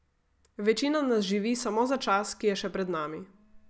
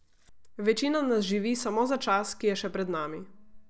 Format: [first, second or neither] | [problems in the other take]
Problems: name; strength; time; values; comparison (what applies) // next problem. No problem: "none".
first | noise reduction (neural separator model SepFormer DNS4)